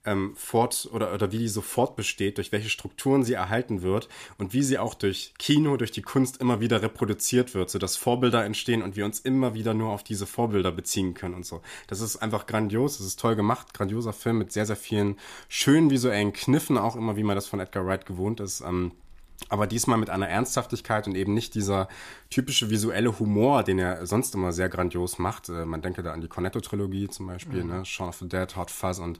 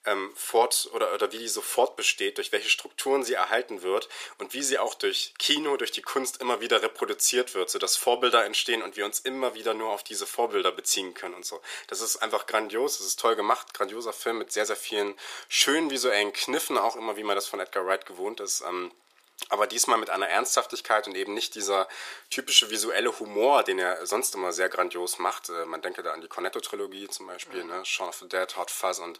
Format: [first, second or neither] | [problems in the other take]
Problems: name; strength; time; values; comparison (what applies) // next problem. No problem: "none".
first | thin; very; fading below 450 Hz